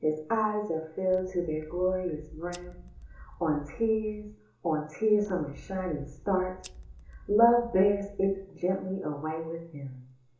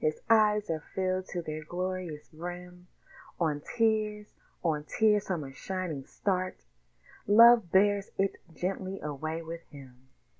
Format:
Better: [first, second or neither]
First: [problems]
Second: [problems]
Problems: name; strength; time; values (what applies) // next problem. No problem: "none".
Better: second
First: background sound (Scissors); 17 dB below the speech // room echo; dies away in 0.6 s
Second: none